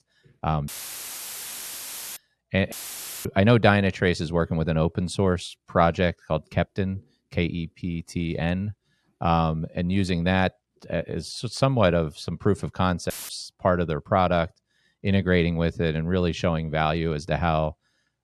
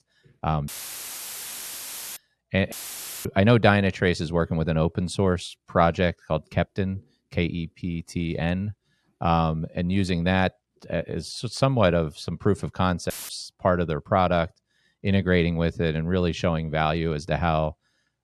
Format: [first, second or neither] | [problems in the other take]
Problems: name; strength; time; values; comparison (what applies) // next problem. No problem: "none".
neither | audio cutting out; filled with static; at 0.5 s for 1.5 s, at 2.5 s for 0.5 s and at 13 s; the same in both